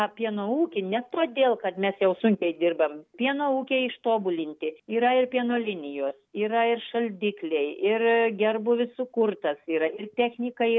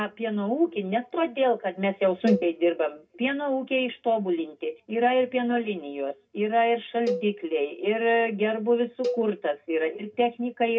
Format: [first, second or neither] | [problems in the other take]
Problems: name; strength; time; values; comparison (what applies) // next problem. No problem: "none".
first | background sound (Cowbell); 11 dB below the speech // room echo; dies away in 0.2 s